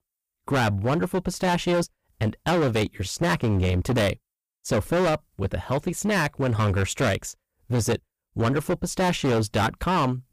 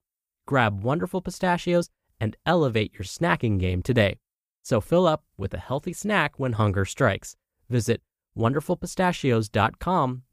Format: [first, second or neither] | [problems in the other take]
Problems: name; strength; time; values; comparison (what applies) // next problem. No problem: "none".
second | distortion; heavy; 17% of the sound clipped